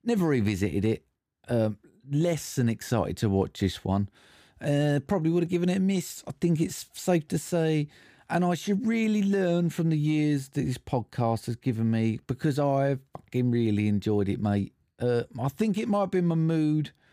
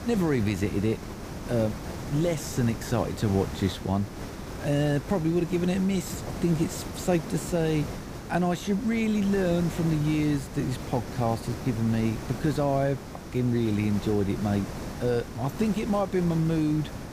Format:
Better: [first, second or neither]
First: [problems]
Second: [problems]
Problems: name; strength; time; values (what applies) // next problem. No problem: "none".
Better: first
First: none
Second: hiss; loud; throughout; 10 dB below the speech